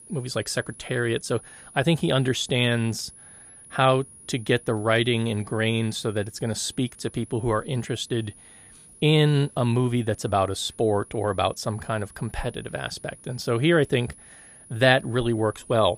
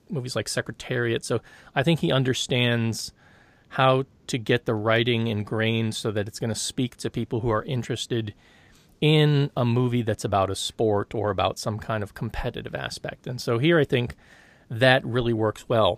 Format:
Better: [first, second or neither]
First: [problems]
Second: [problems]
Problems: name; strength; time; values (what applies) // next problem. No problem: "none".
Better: second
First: high-pitched whine; faint; throughout; 10.5 kHz, 20 dB below the speech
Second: none